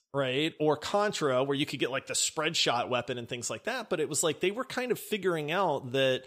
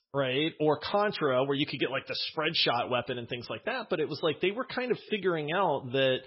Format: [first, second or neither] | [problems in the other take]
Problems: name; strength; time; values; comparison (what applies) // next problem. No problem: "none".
first | garbled, watery; badly; nothing above 5.5 kHz